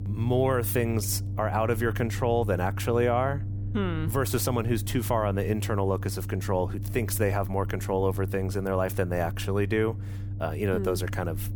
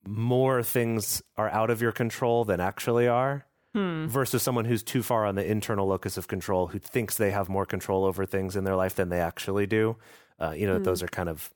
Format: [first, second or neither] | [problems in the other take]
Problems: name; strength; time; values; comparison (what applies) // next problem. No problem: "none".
second | low rumble; noticeable; throughout; 20 dB below the speech